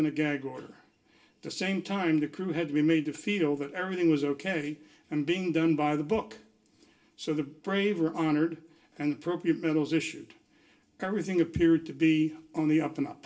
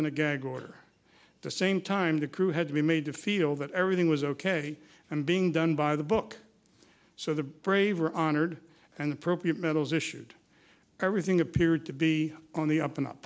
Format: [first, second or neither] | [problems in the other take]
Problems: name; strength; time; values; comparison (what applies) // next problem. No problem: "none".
second | room echo; dies away in 0.2 s